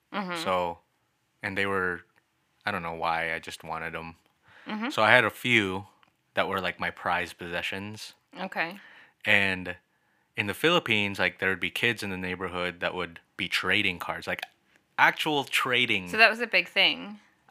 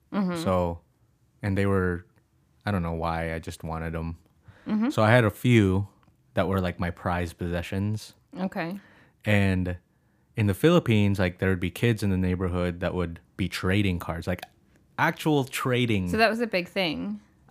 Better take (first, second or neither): second